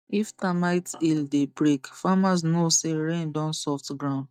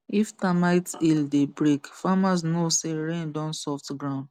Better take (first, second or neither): second